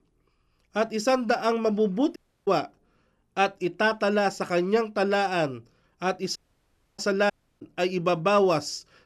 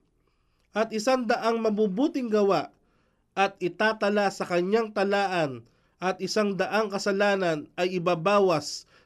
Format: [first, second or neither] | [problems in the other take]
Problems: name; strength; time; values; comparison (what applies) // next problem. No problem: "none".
second | audio cutting out; at 2 s, at 6.5 s for 0.5 s and at 7.5 s